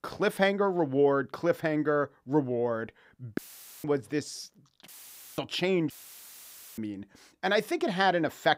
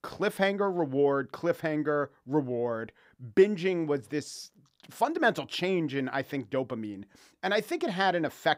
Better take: second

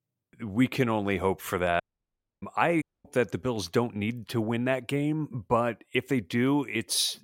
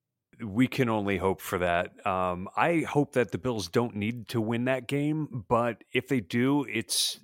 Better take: second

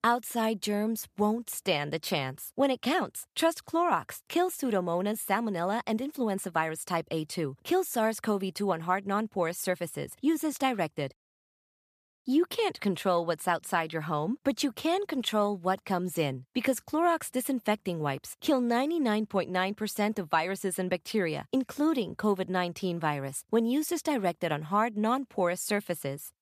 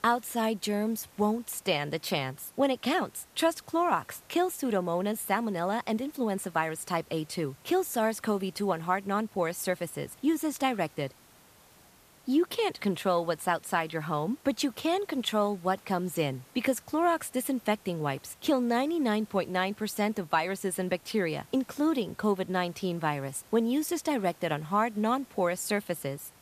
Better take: first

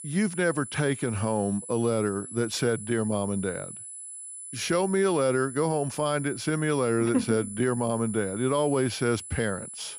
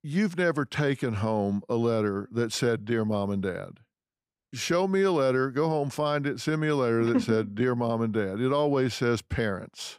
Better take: second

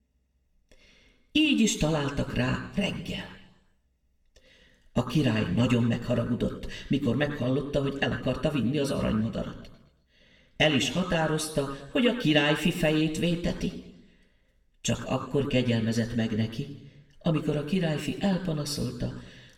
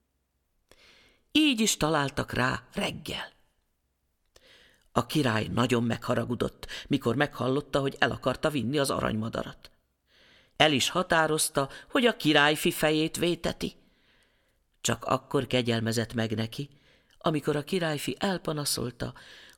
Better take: second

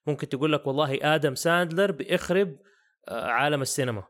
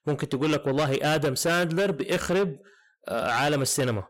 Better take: first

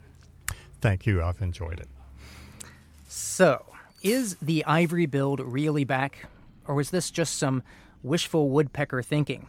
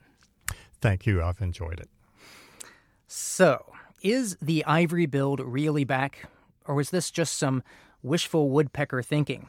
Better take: second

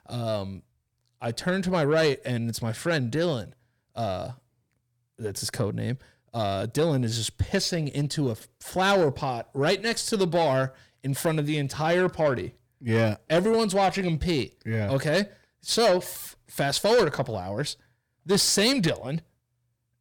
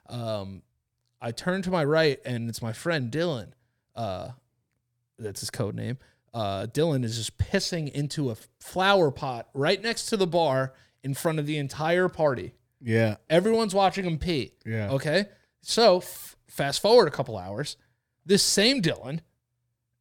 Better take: second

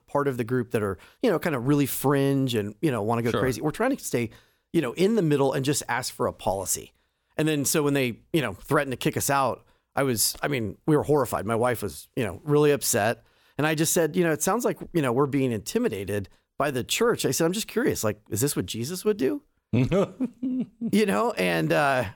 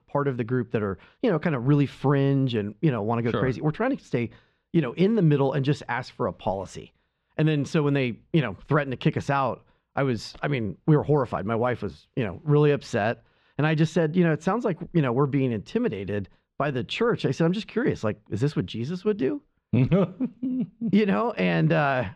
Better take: first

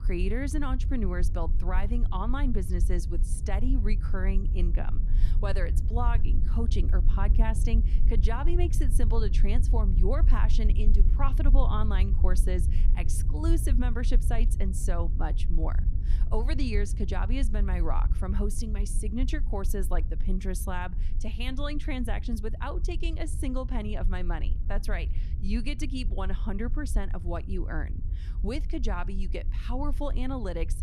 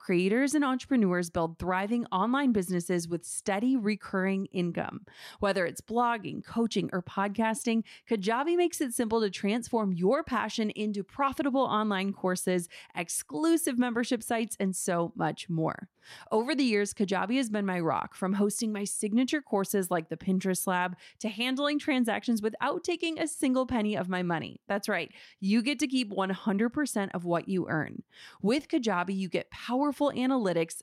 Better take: second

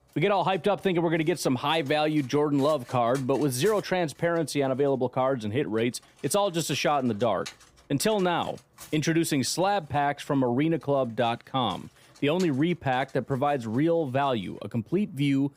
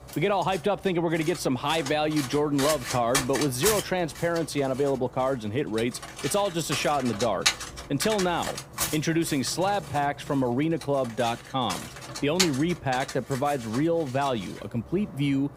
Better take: first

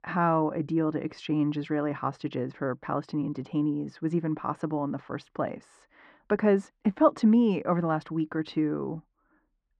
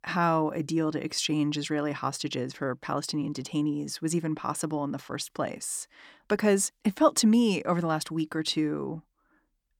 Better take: second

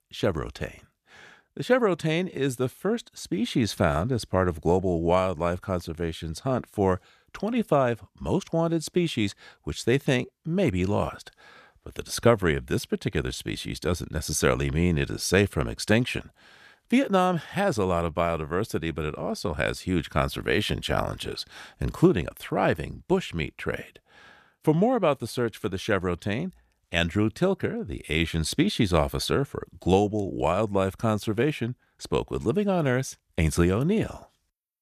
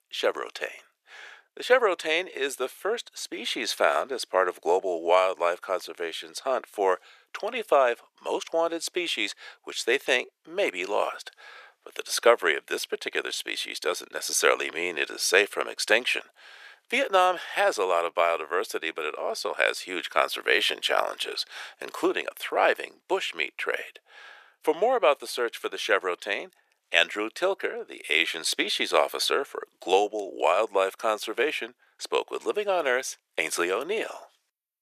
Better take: first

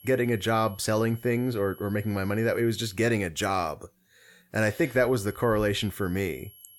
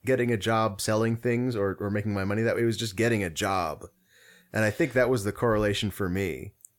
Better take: second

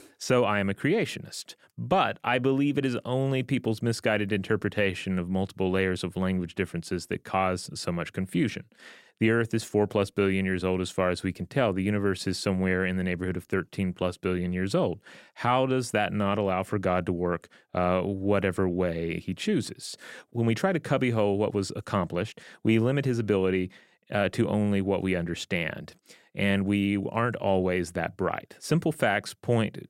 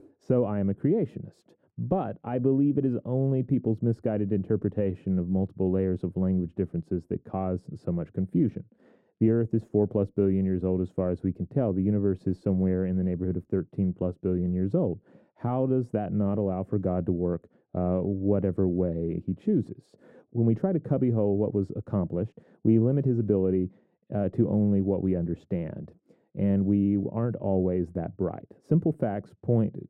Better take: first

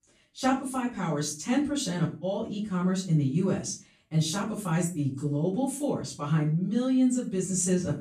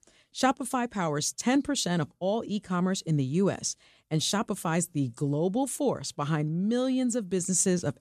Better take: second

